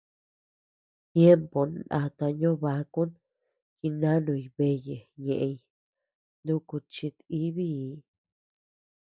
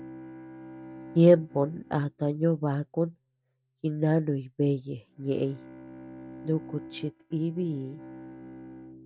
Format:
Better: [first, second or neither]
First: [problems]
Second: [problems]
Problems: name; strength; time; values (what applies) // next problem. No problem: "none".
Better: first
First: none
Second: noise reduction (neural mask model RNNoise)